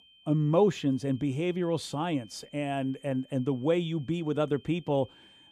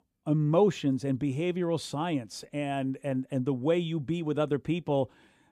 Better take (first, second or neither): second